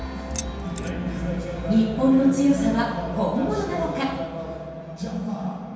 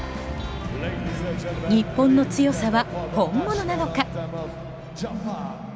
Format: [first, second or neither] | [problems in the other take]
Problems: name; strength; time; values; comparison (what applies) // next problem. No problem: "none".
second | background sound (Keys jangling); 14 dB below the speech // room echo; dies away in 1.2 s